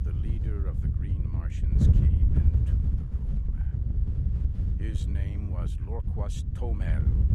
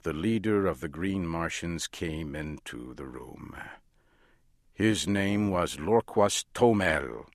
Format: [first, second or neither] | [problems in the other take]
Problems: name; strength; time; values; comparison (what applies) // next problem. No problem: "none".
second | wind noise on the microphone; heavy; 4 dB above the speech